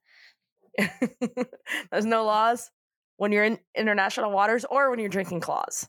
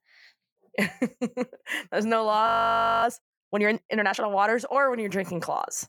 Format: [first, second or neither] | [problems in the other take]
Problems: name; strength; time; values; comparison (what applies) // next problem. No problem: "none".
first | audio freezing; at 2.5 s for 0.5 s